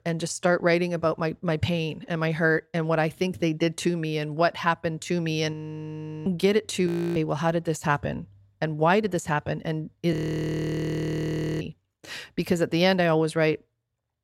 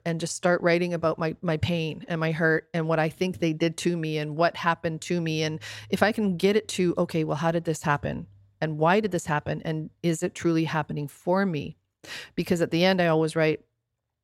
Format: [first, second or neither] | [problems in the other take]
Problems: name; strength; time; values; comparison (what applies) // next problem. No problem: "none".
second | audio freezing; at 5.5 s for 0.5 s, at 7 s and at 10 s for 1.5 s